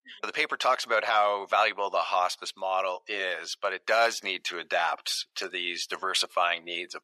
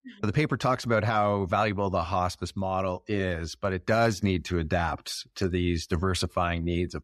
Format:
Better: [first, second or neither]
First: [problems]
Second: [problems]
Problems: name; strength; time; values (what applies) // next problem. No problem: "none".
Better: second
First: thin; very; fading below 600 Hz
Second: none